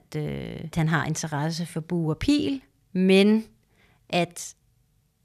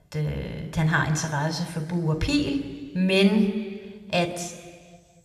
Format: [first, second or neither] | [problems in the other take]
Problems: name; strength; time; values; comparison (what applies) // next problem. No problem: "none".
first | room echo; slight; dies away in 1.5 s